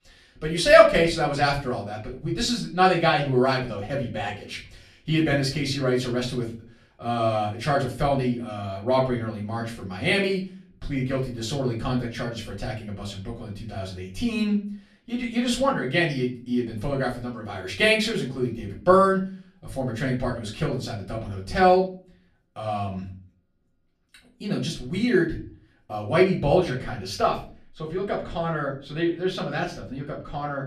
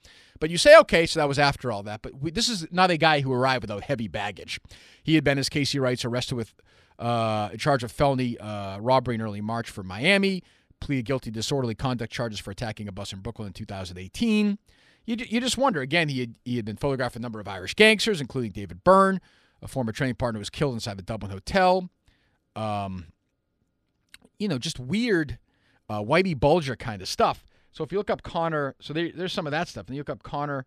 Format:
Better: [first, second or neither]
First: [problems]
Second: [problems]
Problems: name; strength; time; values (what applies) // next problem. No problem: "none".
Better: second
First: off-mic speech; far // room echo; slight; dies away in 0.4 s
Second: none